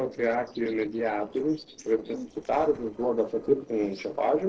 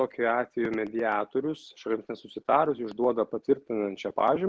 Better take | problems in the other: second | noise reduction (neural separator model SepFormer DNS4)

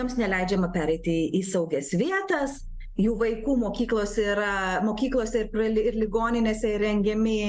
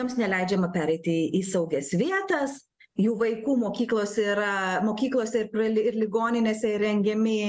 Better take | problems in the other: second | background sound (Growling); 15 dB below the speech

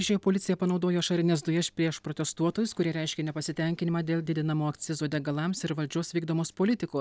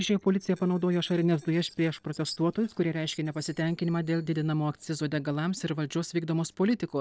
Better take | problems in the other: first | noise reduction (neural separator model SepFormer DNS4)

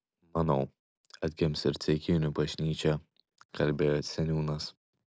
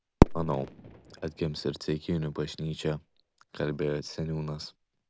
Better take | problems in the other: first | background sound (Fireworks); 2 dB above the speech

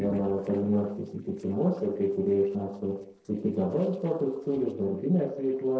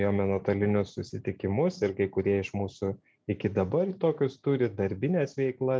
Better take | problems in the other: second | noise reduction (neural separator model SepFormer DNS4)

